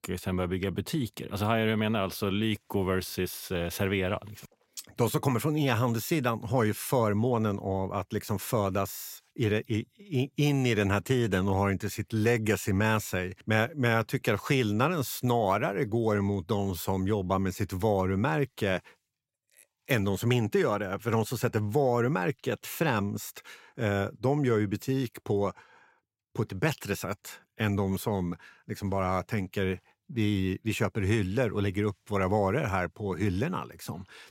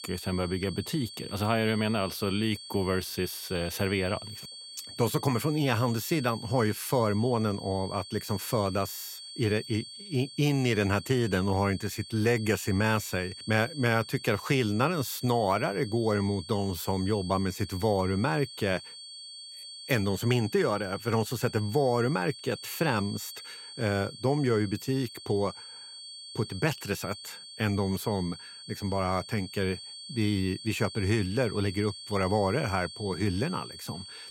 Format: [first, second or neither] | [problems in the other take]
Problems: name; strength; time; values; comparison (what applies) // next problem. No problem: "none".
first | high-pitched whine; noticeable; throughout; 4.5 kHz, 15 dB below the speech